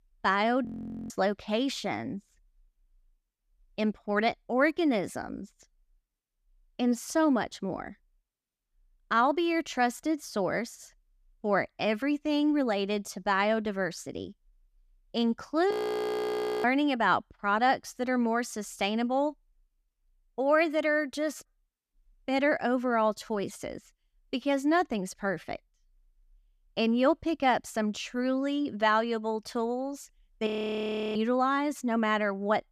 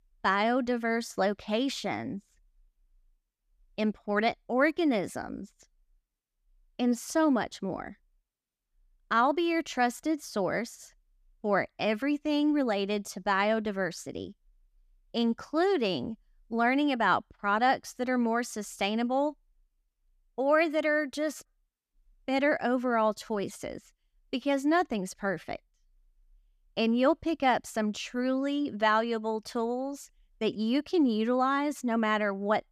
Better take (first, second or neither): second